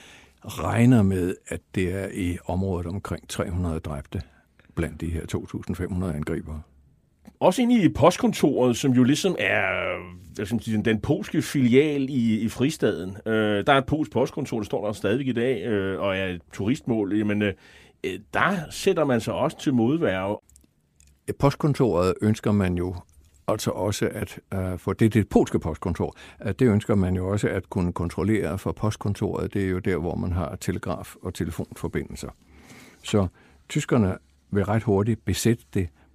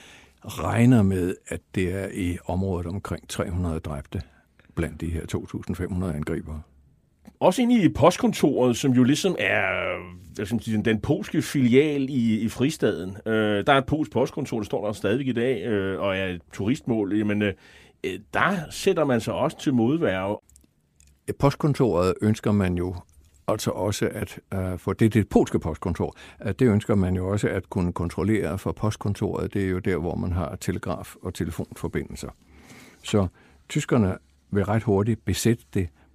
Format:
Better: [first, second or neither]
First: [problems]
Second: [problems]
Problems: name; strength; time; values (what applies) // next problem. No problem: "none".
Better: neither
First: none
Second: none